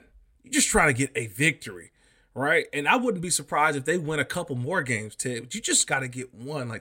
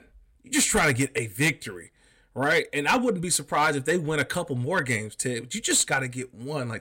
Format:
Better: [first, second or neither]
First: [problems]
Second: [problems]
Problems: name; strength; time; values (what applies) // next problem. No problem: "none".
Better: first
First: none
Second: distortion; slight; 4% of the sound clipped